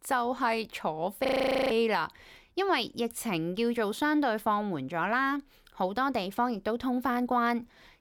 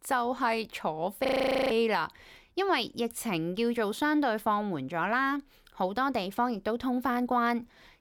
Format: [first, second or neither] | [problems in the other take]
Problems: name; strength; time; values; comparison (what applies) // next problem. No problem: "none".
neither | audio freezing; at 1.5 s; the same in both